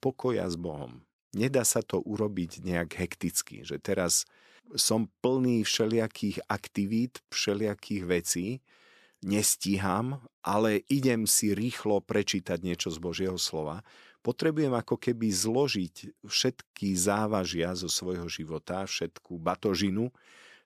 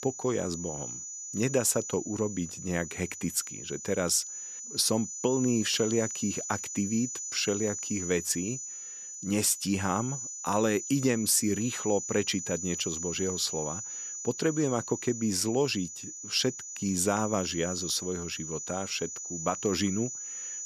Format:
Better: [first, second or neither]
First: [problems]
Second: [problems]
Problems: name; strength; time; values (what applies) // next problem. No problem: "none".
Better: first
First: none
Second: high-pitched whine; loud; throughout; 7 kHz, 6 dB below the speech